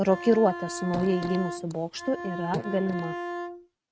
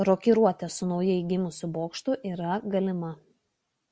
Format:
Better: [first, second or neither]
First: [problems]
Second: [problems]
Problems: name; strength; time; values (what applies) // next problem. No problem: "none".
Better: second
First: noise reduction (neural mask model RNNoise)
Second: none